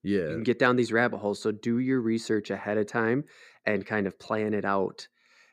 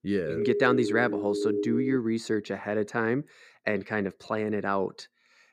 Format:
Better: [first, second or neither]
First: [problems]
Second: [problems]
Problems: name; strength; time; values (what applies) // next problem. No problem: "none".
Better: first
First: none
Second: siren; loud; until 2 s; peak level with the speech